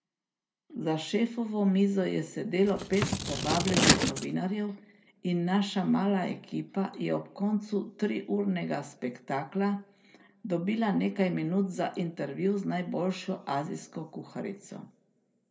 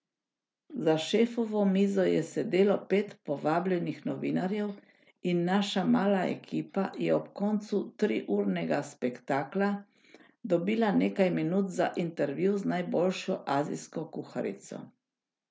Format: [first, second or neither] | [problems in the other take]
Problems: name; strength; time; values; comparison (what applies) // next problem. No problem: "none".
second | background sound (Scissors); 2 dB above the speech // room echo; dies away in 0.5 s